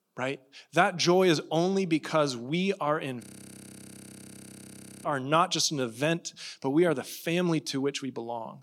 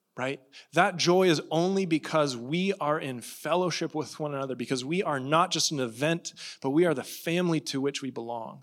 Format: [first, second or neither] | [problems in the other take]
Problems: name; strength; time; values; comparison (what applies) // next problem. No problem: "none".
second | audio freezing; at 3 s for 2 s